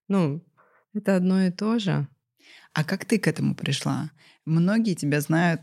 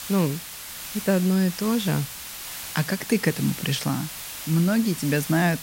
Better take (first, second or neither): first